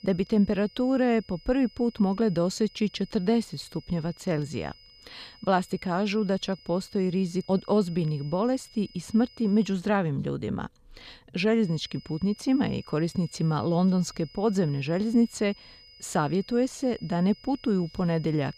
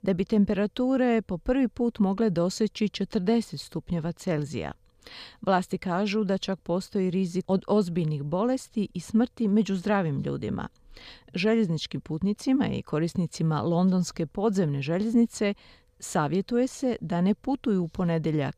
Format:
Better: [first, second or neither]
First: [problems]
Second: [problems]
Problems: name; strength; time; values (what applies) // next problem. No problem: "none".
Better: second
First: high-pitched whine; faint; until 9.5 s and from 12 s on; 5 kHz, 25 dB below the speech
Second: none